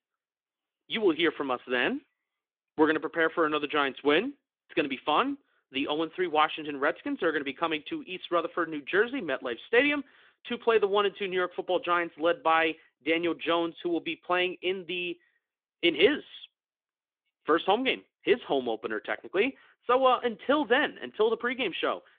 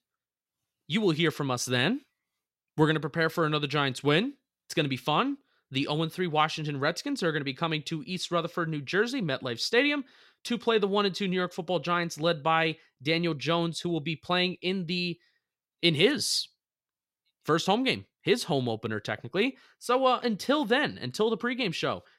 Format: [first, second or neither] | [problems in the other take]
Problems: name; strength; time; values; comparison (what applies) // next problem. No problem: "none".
second | phone-call audio; nothing above 3.5 kHz